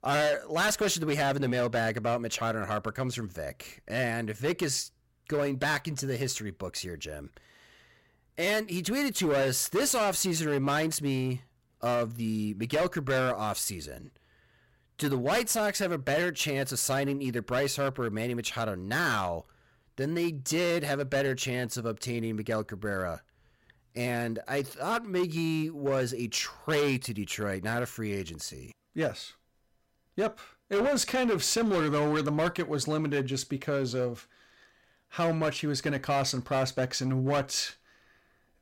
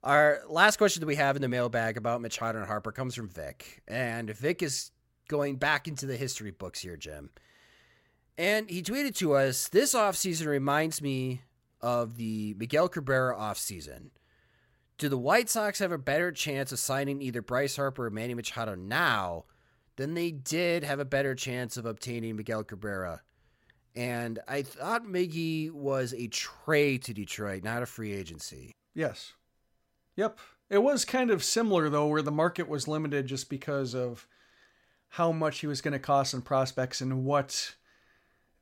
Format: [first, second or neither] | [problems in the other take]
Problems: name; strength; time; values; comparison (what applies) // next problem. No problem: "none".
second | distortion; heavy; 9% of the sound clipped